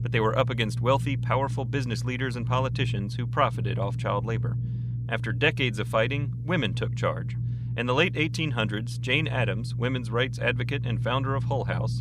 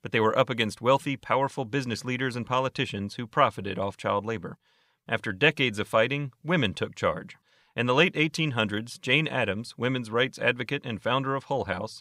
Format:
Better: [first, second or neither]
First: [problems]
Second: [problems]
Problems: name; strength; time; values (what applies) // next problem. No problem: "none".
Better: second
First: low rumble; noticeable; throughout; 15 dB below the speech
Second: none